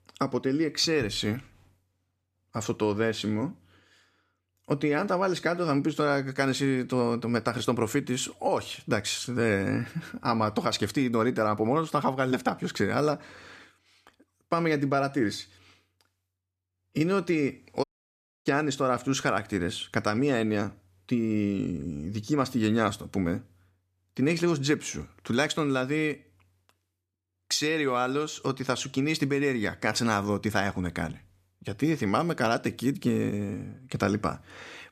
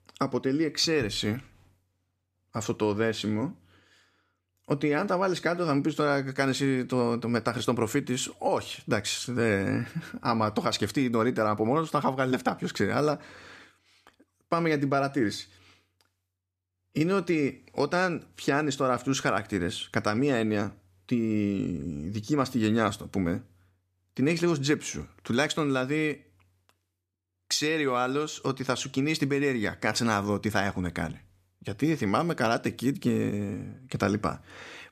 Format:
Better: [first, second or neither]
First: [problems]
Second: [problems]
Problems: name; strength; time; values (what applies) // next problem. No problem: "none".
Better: second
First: audio cutting out; at 18 s for 0.5 s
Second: none